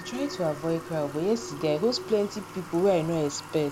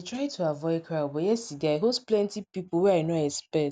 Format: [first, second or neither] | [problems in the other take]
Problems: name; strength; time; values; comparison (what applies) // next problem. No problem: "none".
second | background sound (Alarm + Water tap, faucet / Water); 13 dB below the speech